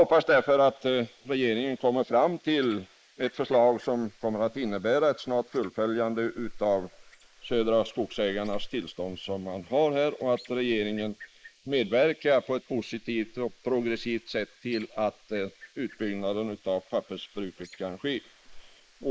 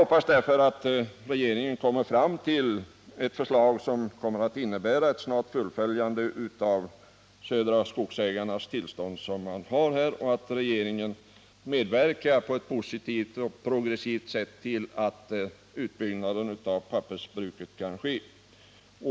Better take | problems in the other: second | noise reduction (neural mask model Resemble Enhance denoiser)

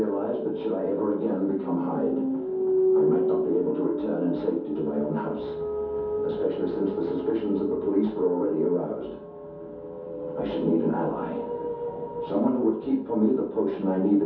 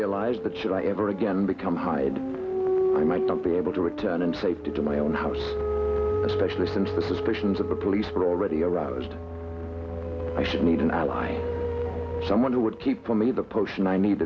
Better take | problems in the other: second | room echo; dies away in 0.6 s

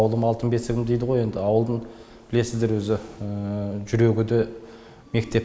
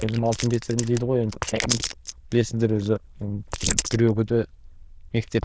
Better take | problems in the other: first | noise reduction (neural diffusion model UNIVERSE++)

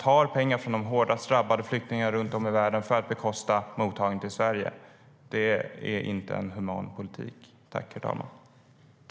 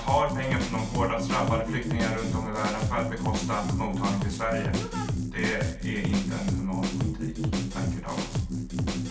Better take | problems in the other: first | background sound (Drum kit); 2 dB above the speech // room echo; dies away in 0.3 s

